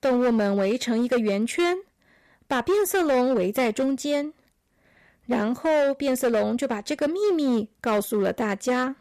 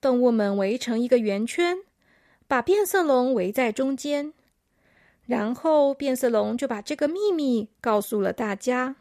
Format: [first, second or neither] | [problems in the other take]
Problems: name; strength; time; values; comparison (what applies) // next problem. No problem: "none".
second | distortion; slight; 11% of the sound clipped